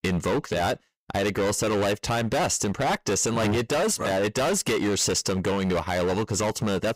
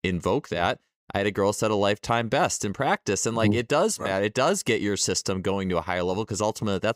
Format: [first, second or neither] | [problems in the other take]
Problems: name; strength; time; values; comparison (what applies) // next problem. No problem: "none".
second | distortion; heavy; 27% of the sound clipped